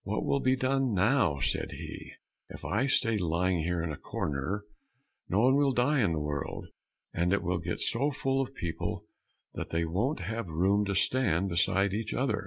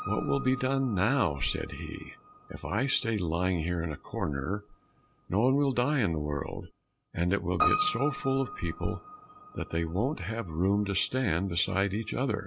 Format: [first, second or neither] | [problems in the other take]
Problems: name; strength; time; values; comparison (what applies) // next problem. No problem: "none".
first | background sound (Piano); 11 dB below the speech